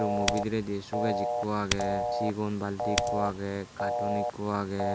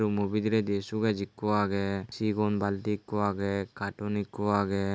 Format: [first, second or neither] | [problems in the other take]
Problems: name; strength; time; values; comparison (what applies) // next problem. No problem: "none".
second | background sound (Typing + Telephone); 1 dB above the speech